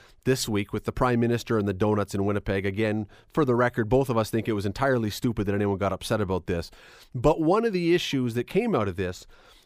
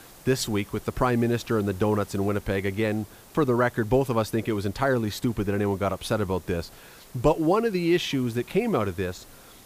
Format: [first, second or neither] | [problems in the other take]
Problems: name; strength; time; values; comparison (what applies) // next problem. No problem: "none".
first | hiss; faint; throughout; 25 dB below the speech